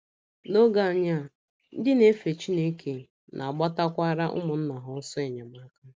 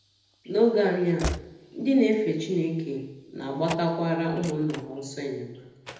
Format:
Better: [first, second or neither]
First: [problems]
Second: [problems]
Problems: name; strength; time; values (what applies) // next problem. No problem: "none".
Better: first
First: none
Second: background sound (Slam / Train); 14 dB below the speech // room echo; dies away in 0.8 s